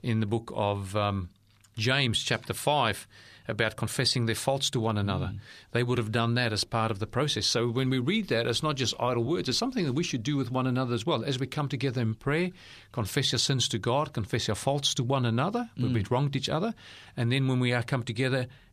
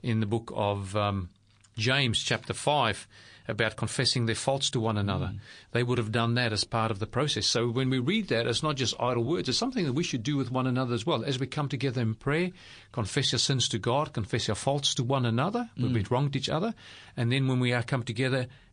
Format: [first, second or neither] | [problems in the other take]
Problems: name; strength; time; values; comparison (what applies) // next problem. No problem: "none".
first | garbled, watery; slightly; nothing above 8.5 kHz